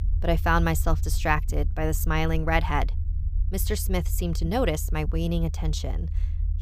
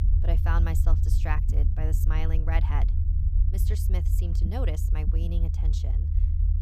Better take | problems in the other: first | low rumble; loud; throughout; 6 dB below the speech; faint in the first

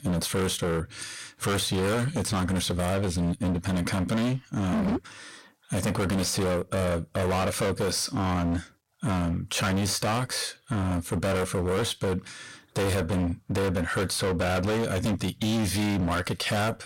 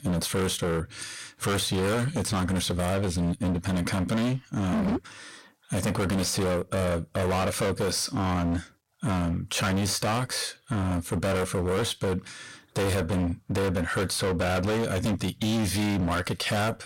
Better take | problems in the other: neither | distortion; heavy; 31% of the sound clipped; the same in both

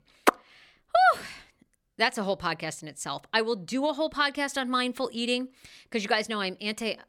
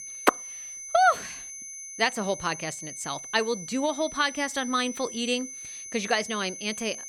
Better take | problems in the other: first | high-pitched whine; loud; throughout; 6 kHz, 10 dB below the speech

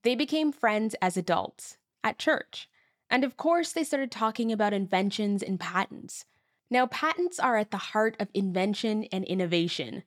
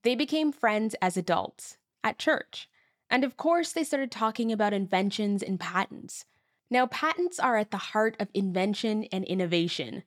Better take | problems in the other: neither | none

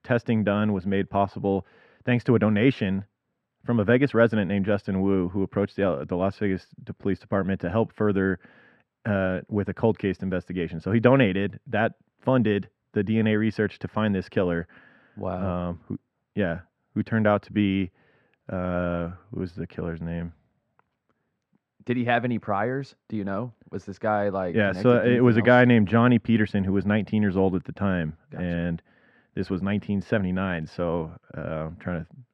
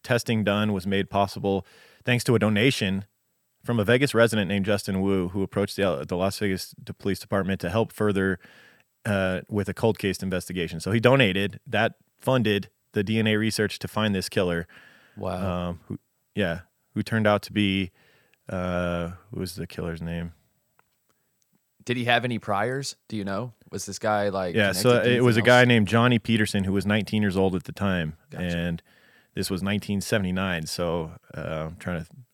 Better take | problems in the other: second | muffled; very; fading above 2 kHz

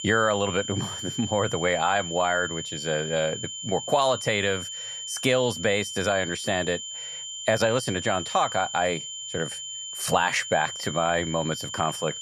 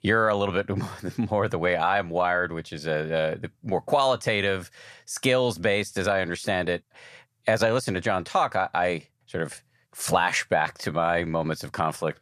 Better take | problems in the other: second | high-pitched whine; loud; throughout; 3 kHz, 7 dB below the speech

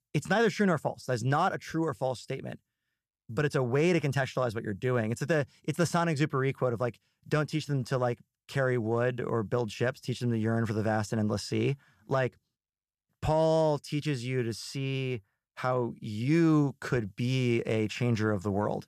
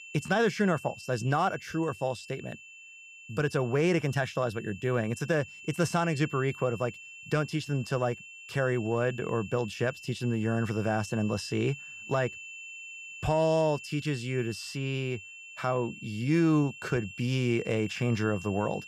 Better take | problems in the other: first | high-pitched whine; noticeable; throughout; 2.5 kHz, 15 dB below the speech

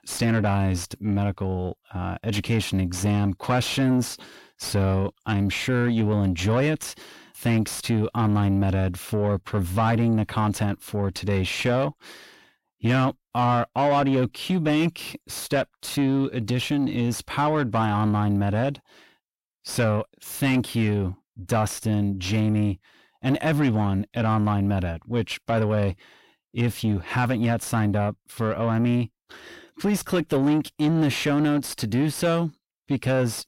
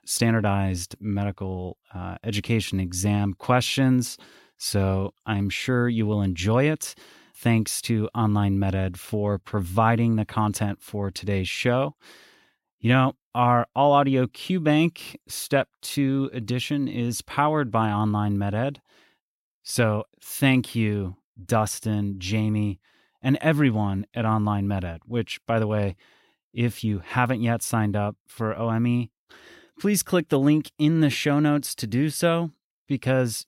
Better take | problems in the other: second | distortion; slight; 10 dB below the speech

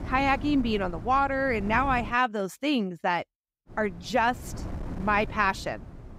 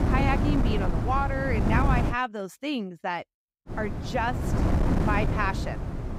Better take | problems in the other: first | wind noise on the microphone; heavy; until 2 s and from 3.5 s on; 5 dB below the speech; occasional gusts in the first

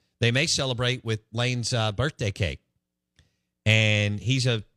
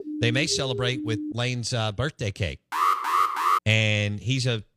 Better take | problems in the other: first | siren; noticeable; until 1.5 s; peak 6 dB below the speech // alarm; loud; at 2.5 s; peak 4 dB above the speech

